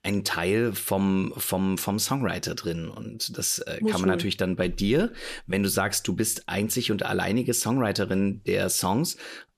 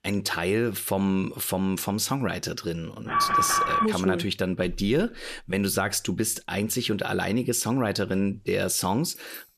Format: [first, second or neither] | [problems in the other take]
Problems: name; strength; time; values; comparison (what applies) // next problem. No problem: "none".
first | alarm; loud; at 3 s; peak 4 dB above the speech // jangling keys; faint; at 9 s; peak 15 dB below the speech